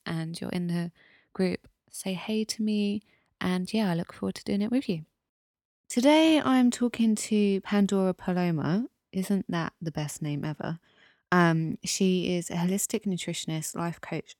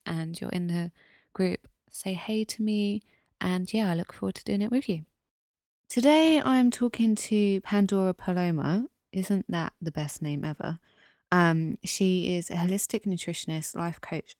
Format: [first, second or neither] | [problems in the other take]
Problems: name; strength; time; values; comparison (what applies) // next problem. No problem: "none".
first | garbled, watery; slightly; nothing above 17 kHz